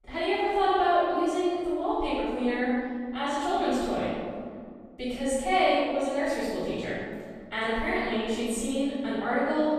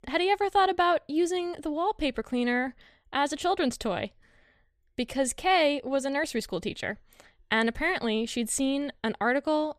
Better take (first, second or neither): second